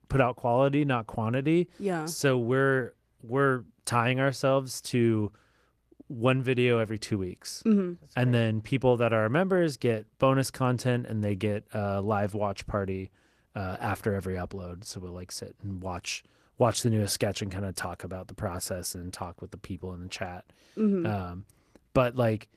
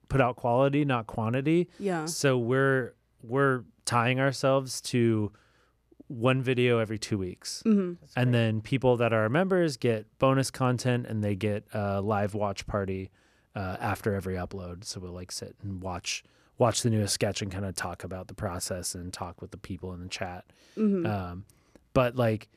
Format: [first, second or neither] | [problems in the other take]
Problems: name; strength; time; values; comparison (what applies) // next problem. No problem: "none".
second | garbled, watery; slightly; nothing above 14.5 kHz